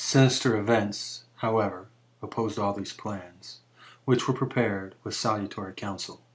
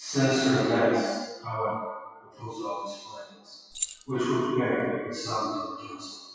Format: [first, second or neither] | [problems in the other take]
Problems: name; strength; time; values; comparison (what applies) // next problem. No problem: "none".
first | noise reduction (classical method WPE with log-MMSE)